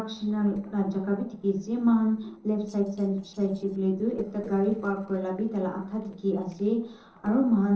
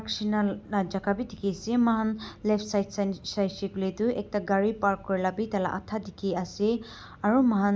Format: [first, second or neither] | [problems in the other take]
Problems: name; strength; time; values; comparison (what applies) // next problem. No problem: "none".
second | noise reduction (neural separator model SepFormer DNS4)